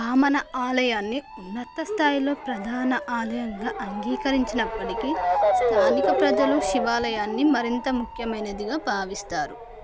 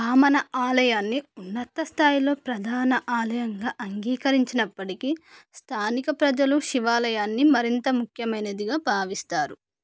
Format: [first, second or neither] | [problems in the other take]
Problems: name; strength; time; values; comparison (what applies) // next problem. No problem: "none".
second | background sound (Motor vehicle (road) / Siren); 2 dB below the speech